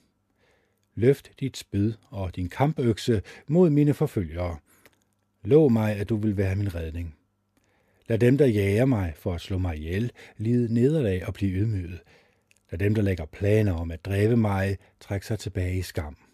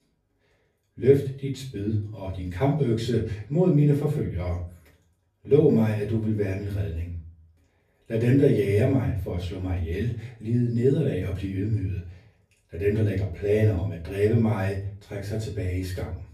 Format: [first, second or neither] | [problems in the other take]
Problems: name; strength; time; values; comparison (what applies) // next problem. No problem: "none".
first | off-mic speech; far // room echo; slight; dies away in 0.4 s